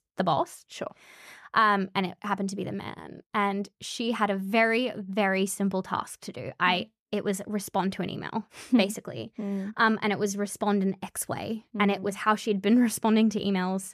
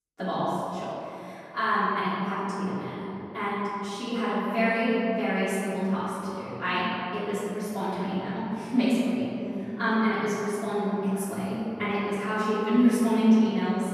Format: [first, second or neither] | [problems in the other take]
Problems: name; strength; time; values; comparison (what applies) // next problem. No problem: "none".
first | room echo; strong; dies away in 2.6 s // off-mic speech; far